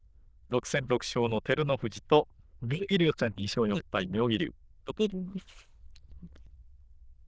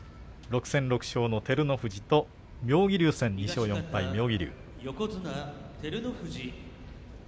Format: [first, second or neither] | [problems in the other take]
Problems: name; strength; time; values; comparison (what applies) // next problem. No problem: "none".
second | noise reduction (neural diffusion model UNIVERSE++)